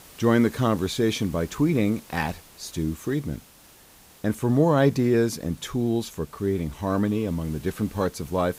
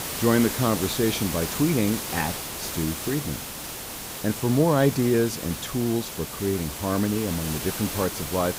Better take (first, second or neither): first